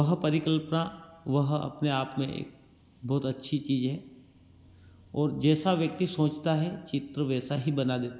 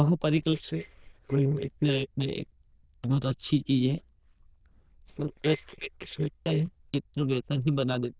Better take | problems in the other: first | noise reduction (neural diffusion model UNIVERSE++)

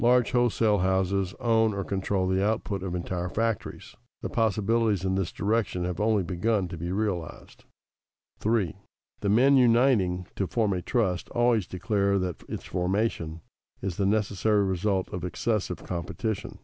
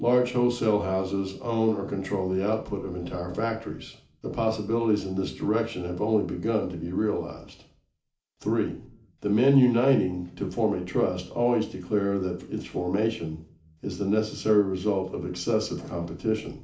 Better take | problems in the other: first | room echo; dies away in 0.4 s

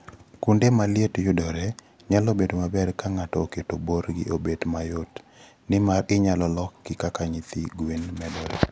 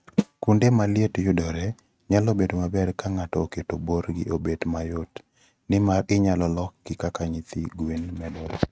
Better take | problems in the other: first | noise reduction (neural mask model RNNoise)

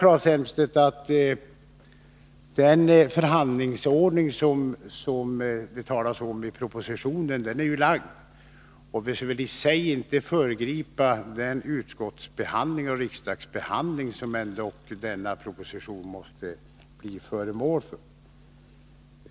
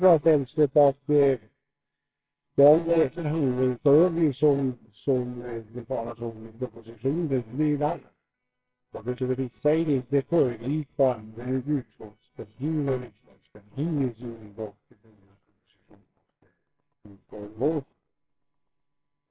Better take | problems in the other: first | noise reduction (neural separator model SepFormer WHAMR!)

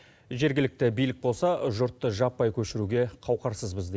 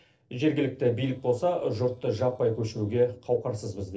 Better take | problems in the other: first | noise reduction (neural separator model SepFormer DNS4)

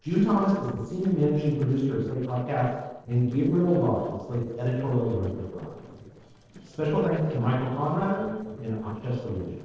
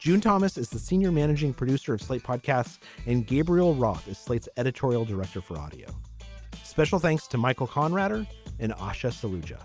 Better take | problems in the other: second | noise reduction (neural separator model SepFormer DNS4)

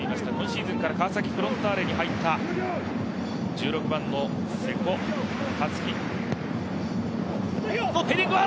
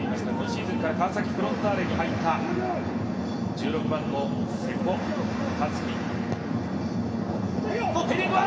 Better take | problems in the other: first | room echo; dies away in 2.7 s

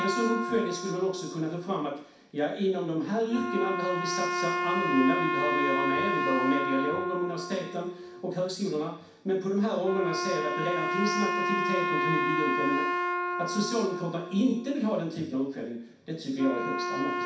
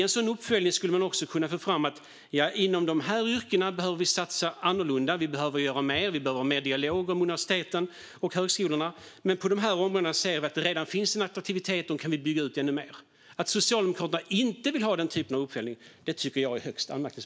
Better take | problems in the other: second | background sound (Wind instrument, woodwind instrument); 2 dB below the speech // room echo; dies away in 0.6 s

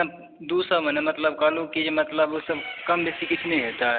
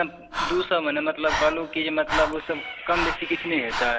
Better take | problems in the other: first | background sound (Breathing); 6 dB below the speech

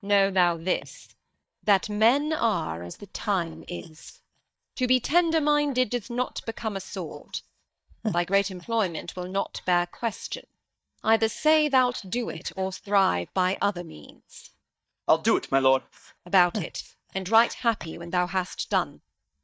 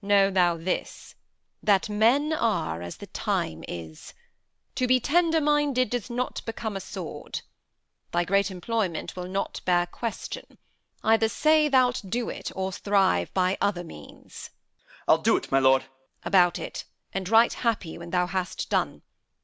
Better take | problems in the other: second | noise reduction (neural mask model DeepFilterNet 3)

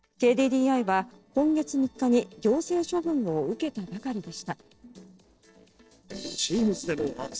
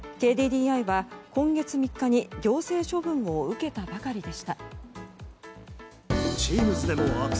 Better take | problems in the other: second | noise reduction (neural separator model SepFormer DNS4)

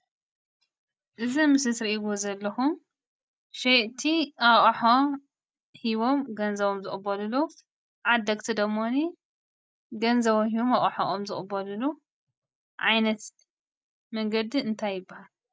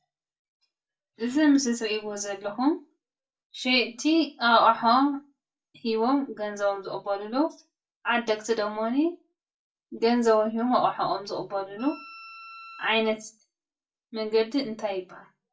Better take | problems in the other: first | background sound (Wind instrument, woodwind instrument); 20 dB below the speech // room echo; dies away in 0.2 s

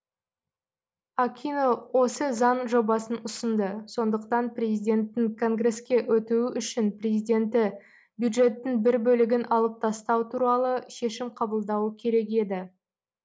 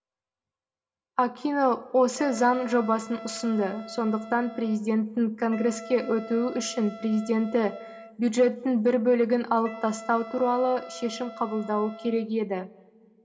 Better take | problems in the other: first | background sound (Wind instrument, woodwind instrument); 17 dB below the speech // room echo; dies away in 0.4 s

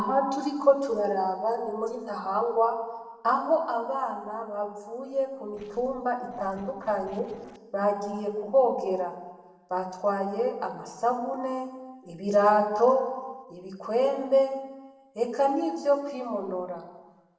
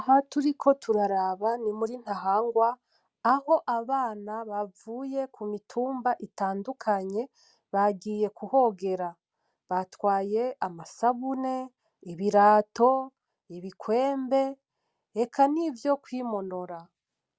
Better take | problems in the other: second | noise reduction (neural separator model SepFormer DNS4)

